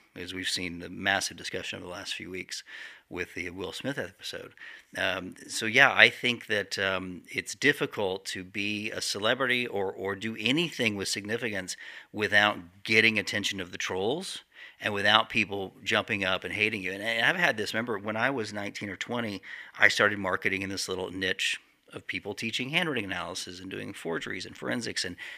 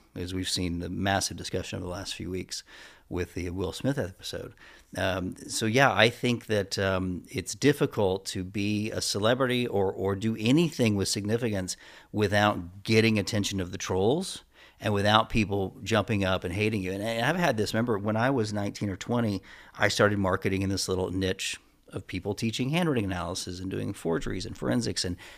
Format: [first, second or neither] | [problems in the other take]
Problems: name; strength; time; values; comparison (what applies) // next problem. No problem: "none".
second | thin; somewhat; fading below 250 Hz